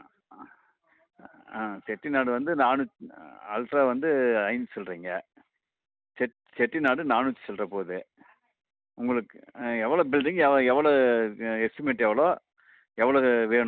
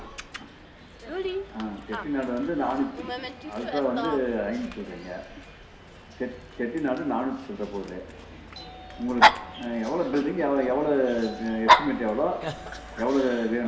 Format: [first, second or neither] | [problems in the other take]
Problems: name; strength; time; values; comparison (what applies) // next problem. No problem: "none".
first | background sound (Dog); 1 dB below the speech // room echo; dies away in 0.7 s